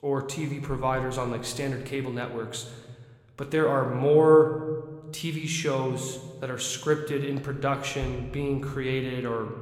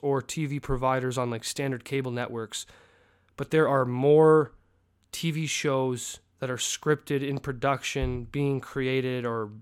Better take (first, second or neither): second